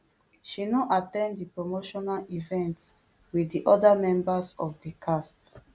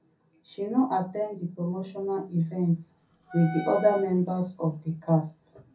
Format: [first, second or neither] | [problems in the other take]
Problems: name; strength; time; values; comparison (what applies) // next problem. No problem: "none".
first | background sound (Wind instrument, woodwind instrument); 12 dB below the speech // room echo; dies away in 0.3 s